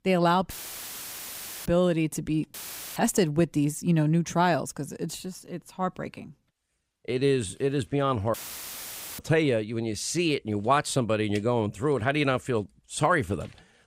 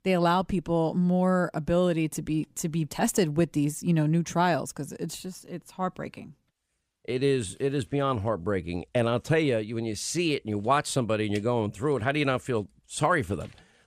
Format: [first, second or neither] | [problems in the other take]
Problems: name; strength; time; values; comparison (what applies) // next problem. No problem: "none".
second | audio cutting out; filled with static; at 0.5 s for 1 s, at 2.5 s and at 8.5 s for 1 s